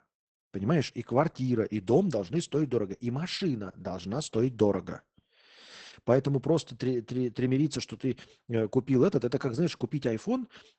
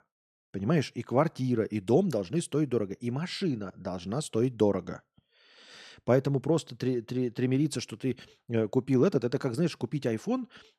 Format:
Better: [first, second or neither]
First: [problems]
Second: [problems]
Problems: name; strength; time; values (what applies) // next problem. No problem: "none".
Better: second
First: garbled, watery; badly; nothing above 8 kHz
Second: none